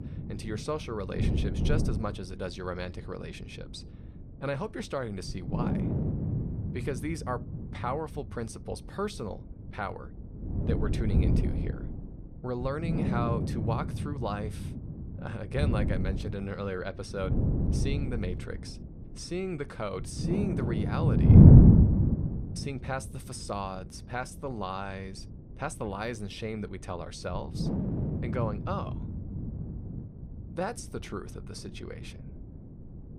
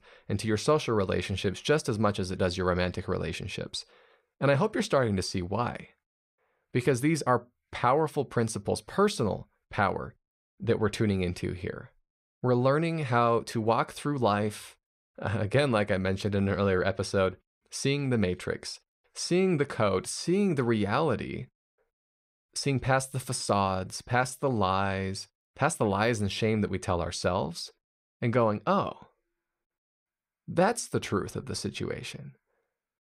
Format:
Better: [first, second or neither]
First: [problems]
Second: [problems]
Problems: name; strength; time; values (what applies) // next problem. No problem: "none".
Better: second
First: wind noise on the microphone; heavy; 1 dB above the speech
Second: none